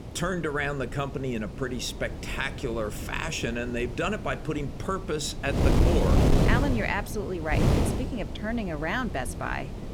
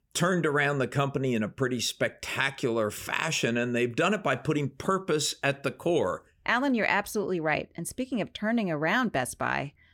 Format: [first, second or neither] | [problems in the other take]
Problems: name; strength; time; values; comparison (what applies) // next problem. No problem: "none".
second | wind noise on the microphone; heavy; 4 dB below the speech